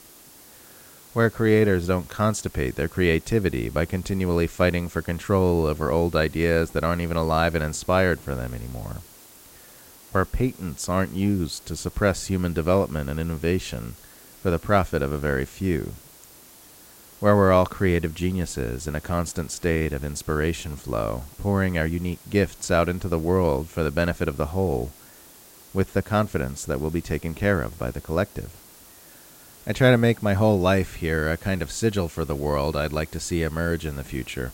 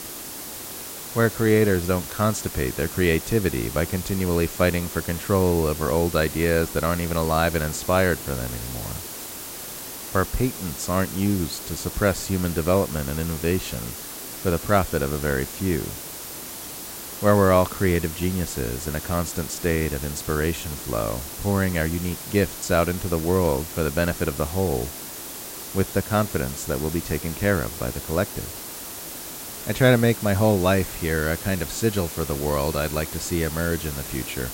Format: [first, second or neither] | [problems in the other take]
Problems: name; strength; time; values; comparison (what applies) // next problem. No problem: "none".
first | hiss; loud; throughout; 9 dB below the speech; faint in the first